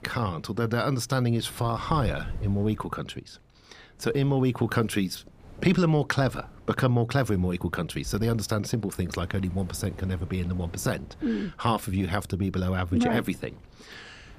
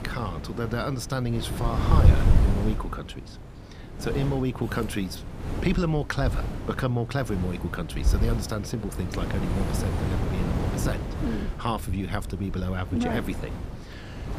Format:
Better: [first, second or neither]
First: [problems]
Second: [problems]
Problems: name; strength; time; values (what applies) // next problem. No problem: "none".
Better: first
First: wind noise on the microphone; occasional gusts; 25 dB below the speech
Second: wind noise on the microphone; heavy; 5 dB below the speech